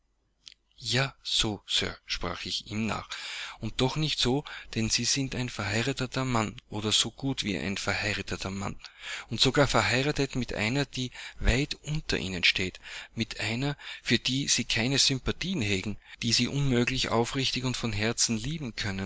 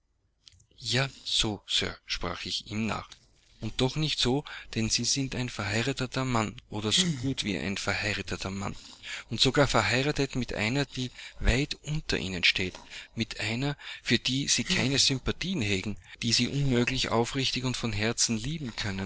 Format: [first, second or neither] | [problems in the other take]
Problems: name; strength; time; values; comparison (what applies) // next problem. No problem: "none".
first | noise reduction (neural separator model SepFormer DNS4)